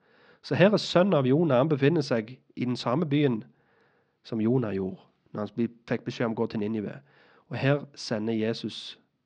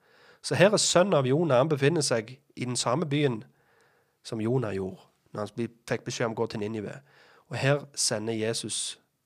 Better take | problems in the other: second | muffled; slightly; fading above 4.5 kHz

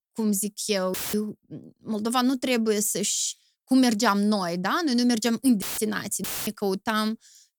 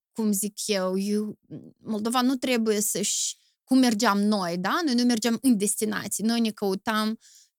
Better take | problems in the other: second | audio cutting out; filled with static; at 1 s, at 5.5 s and at 6 s

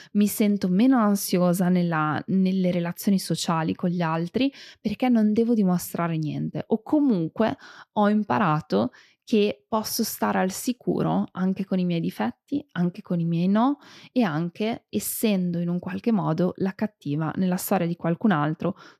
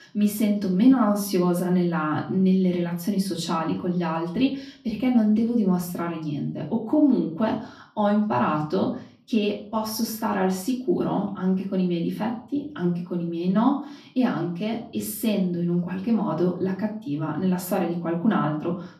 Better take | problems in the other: first | off-mic speech; far // room echo; slight; dies away in 0.4 s

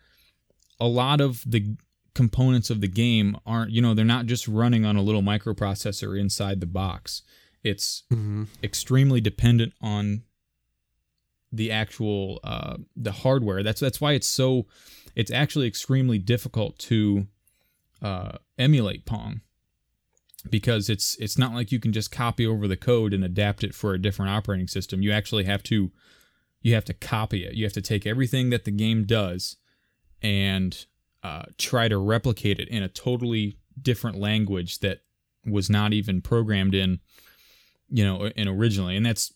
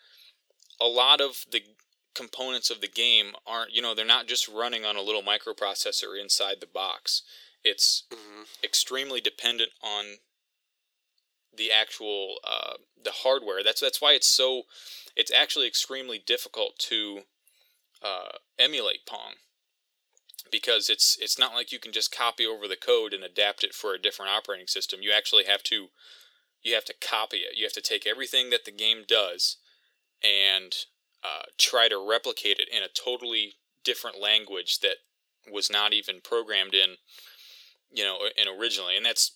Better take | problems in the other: first | thin; very; fading below 450 Hz

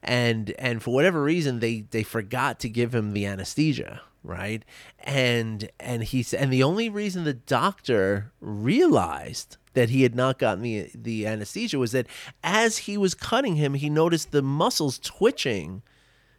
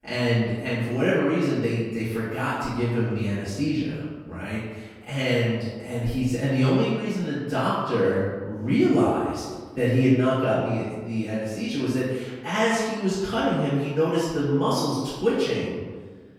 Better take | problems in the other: first | off-mic speech; far // room echo; strong; dies away in 1.3 s

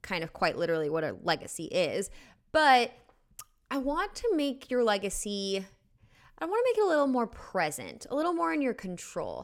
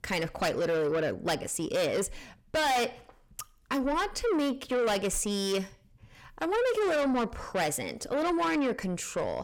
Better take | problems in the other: first | distortion; heavy; 6 dB below the speech

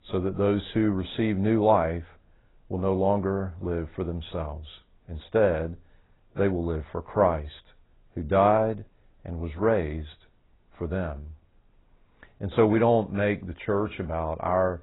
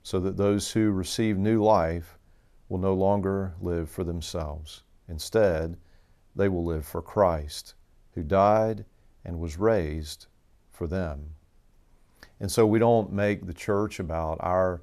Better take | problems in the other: second | garbled, watery; badly; nothing above 4 kHz

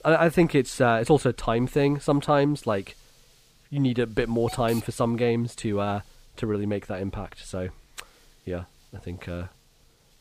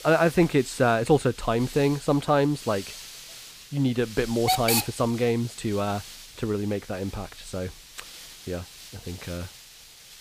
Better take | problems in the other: first | hiss; loud; throughout; 9 dB below the speech; faint in the first

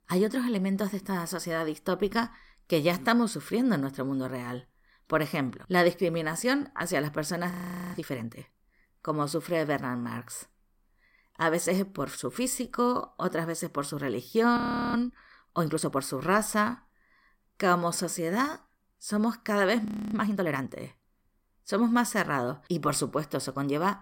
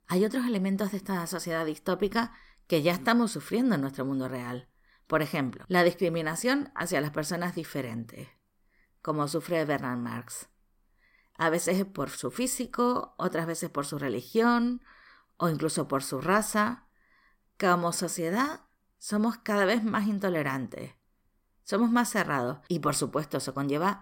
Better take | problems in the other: second | audio freezing; at 7.5 s, at 15 s and at 20 s

